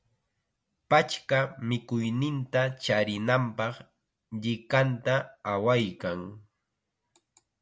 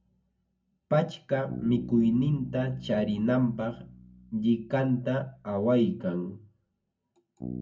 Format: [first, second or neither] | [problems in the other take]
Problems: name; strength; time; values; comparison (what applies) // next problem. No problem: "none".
first | background sound (Bass guitar); 15 dB below the speech // room echo; dies away in 0.3 s